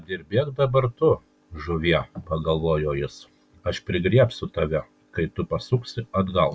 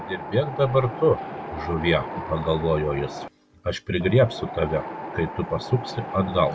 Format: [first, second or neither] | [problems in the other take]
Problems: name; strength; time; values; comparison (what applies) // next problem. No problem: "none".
first | background sound (Wind); 10 dB below the speech